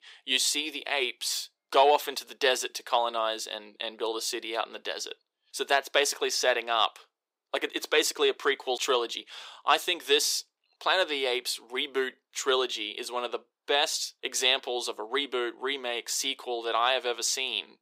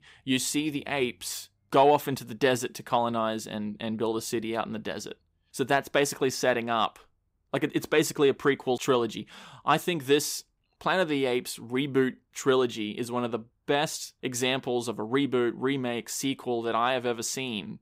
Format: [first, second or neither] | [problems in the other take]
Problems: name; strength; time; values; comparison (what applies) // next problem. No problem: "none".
second | thin; very; fading below 400 Hz